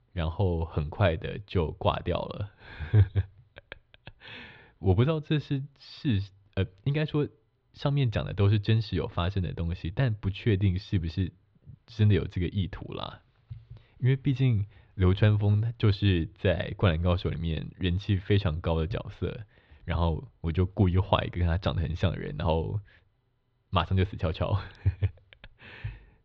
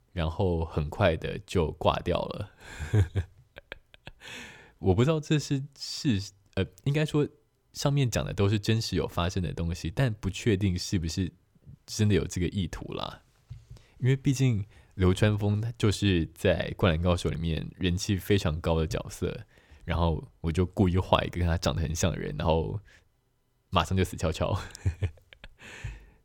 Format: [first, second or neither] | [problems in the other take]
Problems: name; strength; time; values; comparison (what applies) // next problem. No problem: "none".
second | muffled; slightly; fading above 4 kHz